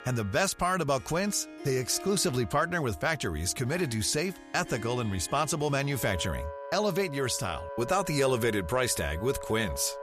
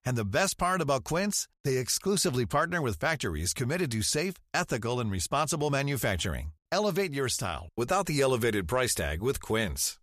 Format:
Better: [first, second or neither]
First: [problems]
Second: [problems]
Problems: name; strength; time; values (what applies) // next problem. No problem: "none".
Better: second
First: background music; noticeable; throughout; 15 dB below the speech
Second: none